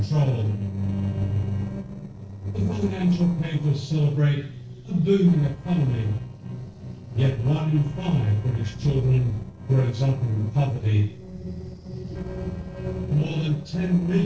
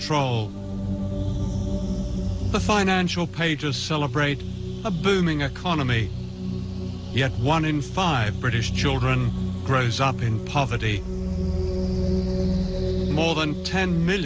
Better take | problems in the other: second | noise reduction (neural separator model SepFormer DNS4)

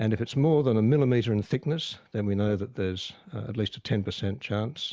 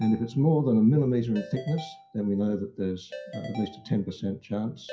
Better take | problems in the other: first | noise reduction (classical method WPE with log-MMSE)

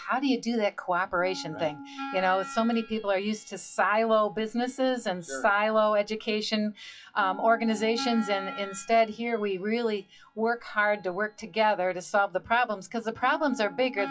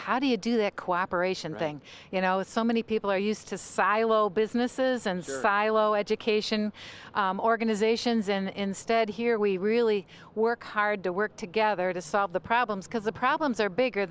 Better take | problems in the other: second | noise reduction (classical method WPE with log-MMSE)

